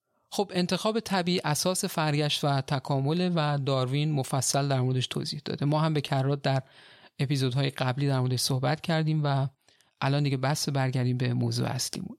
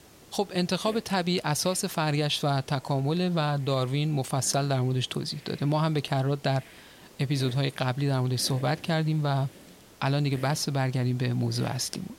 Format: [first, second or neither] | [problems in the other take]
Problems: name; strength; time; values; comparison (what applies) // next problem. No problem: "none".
first | hiss; faint; throughout; 20 dB below the speech